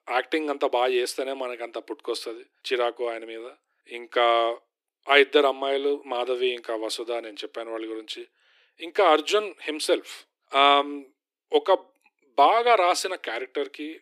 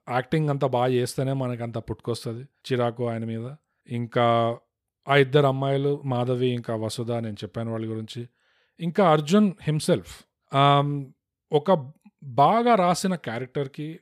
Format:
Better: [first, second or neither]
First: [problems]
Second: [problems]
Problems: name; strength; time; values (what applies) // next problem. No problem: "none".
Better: second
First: thin; very; fading below 300 Hz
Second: none